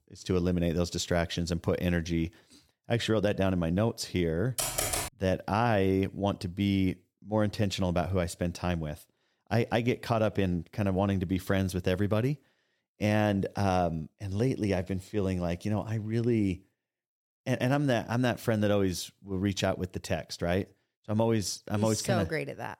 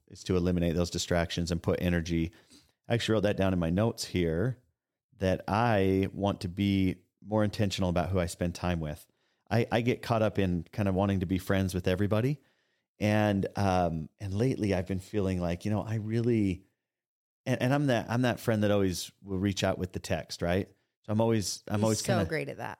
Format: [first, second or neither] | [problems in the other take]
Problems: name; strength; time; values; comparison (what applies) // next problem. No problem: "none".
second | keyboard typing; loud; at 4.5 s; peak 1 dB above the speech